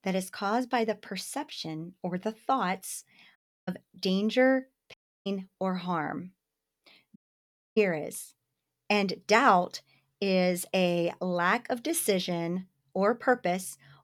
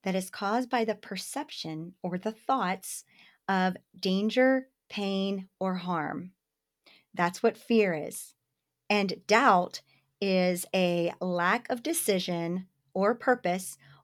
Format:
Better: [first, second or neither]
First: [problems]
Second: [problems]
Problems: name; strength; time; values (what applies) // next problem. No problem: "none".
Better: second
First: audio cutting out; at 3.5 s, at 5 s and at 7 s for 0.5 s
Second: none